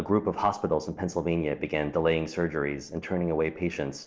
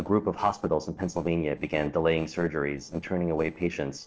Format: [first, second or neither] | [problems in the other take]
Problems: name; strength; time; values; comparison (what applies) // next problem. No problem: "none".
first | noise reduction (neural separator model SepFormer DNS4)